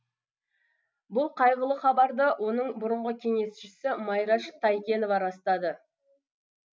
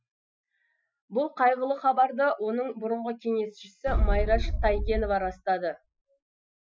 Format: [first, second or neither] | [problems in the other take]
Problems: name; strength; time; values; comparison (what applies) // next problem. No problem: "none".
first | noise reduction (classical method Wiener filter)